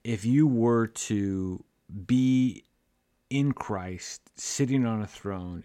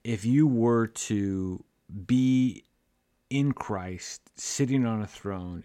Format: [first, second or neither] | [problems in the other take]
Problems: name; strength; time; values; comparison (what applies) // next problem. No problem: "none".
neither | none